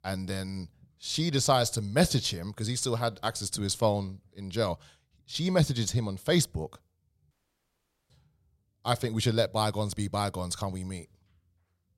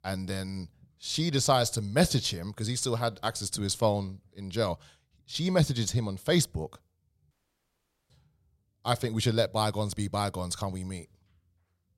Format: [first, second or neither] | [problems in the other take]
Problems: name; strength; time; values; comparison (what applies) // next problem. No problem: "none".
neither | audio cutting out; at 7.5 s for 1 s; the same in both